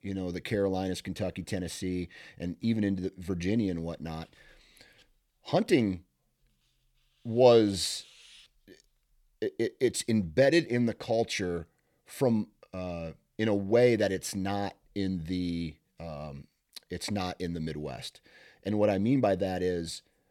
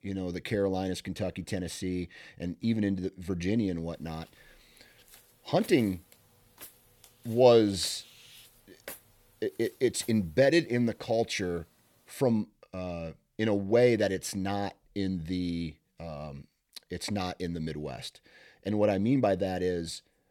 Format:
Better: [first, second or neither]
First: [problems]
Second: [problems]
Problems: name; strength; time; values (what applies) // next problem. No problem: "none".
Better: first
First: none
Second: footsteps; faint; from 5 to 10 s; peak 15 dB below the speech